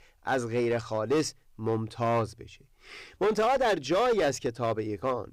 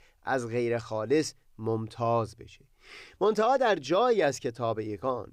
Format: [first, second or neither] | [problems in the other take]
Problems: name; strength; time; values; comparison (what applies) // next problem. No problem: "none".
second | distortion; slight; 9% of the sound clipped